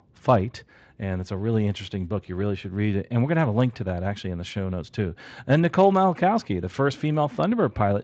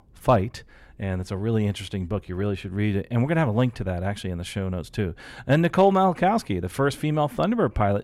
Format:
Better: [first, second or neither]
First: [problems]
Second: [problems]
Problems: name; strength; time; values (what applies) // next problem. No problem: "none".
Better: second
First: garbled, watery; slightly; nothing above 7.5 kHz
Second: none